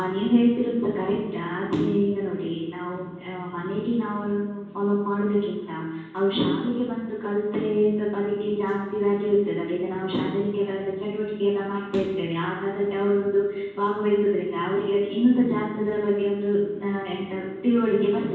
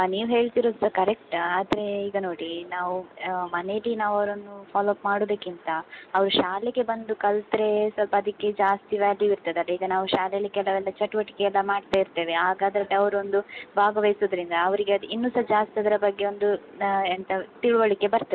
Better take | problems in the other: second | room echo; dies away in 1.2 s

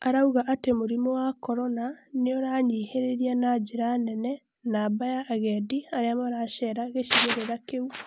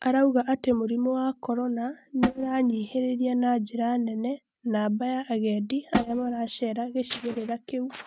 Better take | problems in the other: first | noise reduction (neural mask model RNNoise)

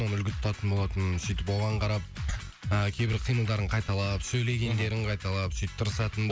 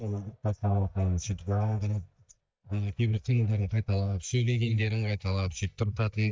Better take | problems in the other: first | noise reduction (neural mask model DeepFilterNet 3)

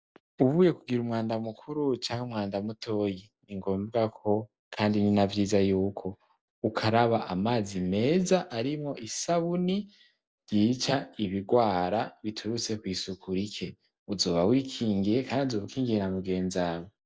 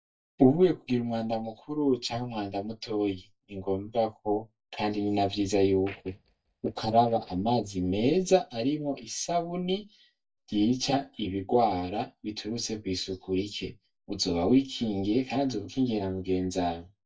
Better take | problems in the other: first | noise reduction (neural mask model DeepFilterNet 3)

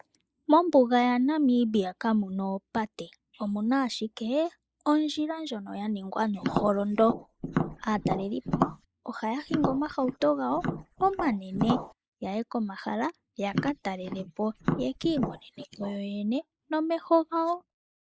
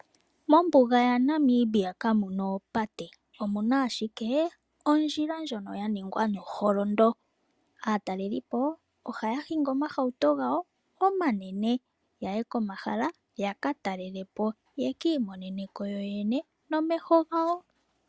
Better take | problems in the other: second | noise reduction (neural mask model Resemble Enhance denoiser)

